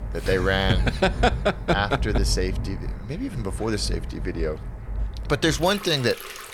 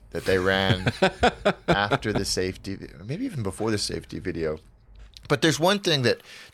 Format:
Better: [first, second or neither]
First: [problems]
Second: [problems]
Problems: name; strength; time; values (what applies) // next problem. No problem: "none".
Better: second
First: rain or running water; loud; throughout; 7 dB below the speech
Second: rain or running water; faint; throughout; 25 dB below the speech